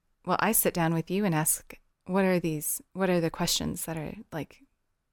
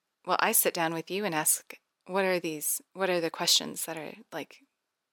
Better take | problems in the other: first | thin; somewhat; fading below 350 Hz

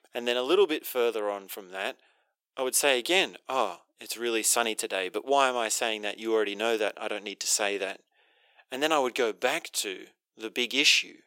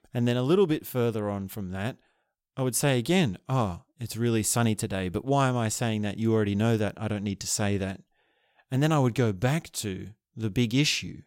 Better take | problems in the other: second | thin; very; fading below 400 Hz

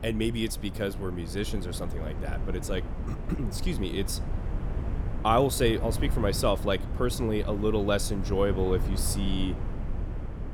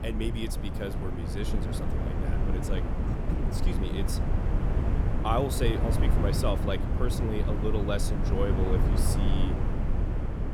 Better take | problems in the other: first | wind noise on the microphone; heavy; 3 dB below the speech; occasional gusts in the first

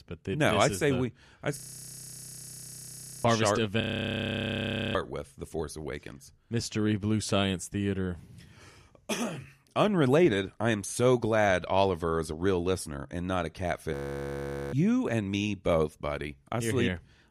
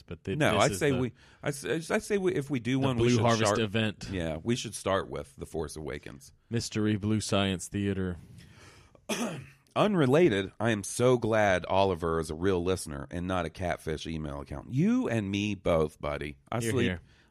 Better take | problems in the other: second | audio freezing; at 1.5 s for 1.5 s, at 4 s for 1 s and at 14 s for 1 s

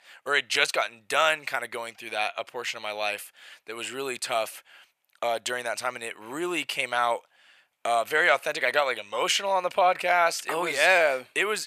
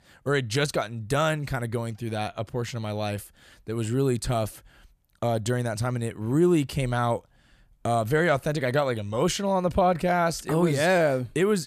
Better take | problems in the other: second | thin; very; fading below 750 Hz

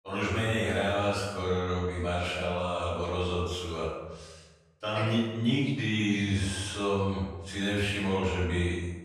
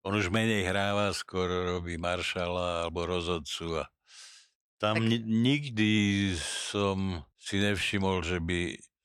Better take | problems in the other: second | room echo; strong; dies away in 1 s // off-mic speech; far

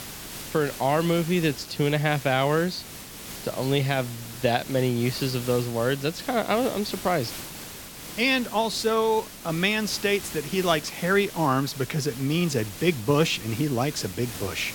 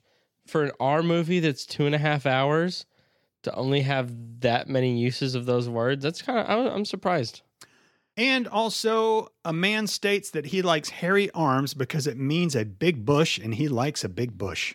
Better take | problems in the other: second | hiss; noticeable; throughout; 10 dB below the speech

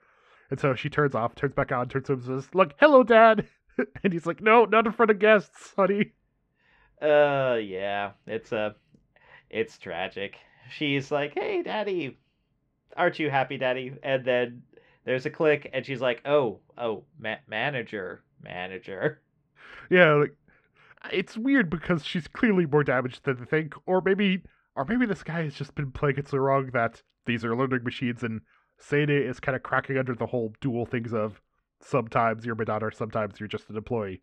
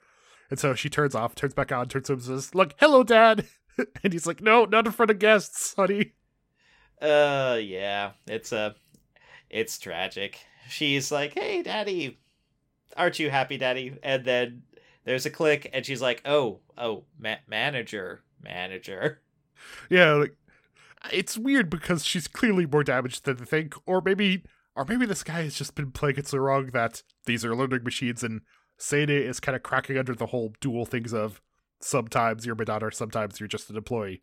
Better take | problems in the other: second | muffled; very; fading above 2.5 kHz

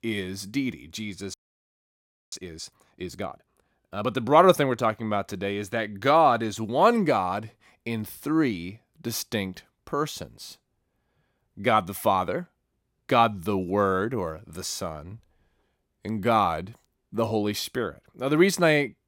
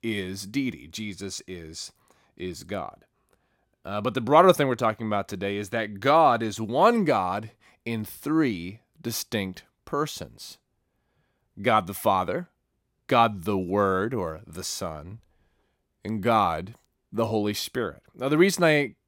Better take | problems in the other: second | audio freezing; at 1.5 s for 1 s

